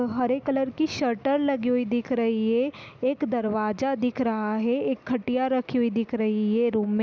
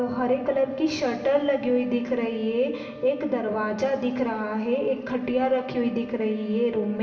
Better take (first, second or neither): first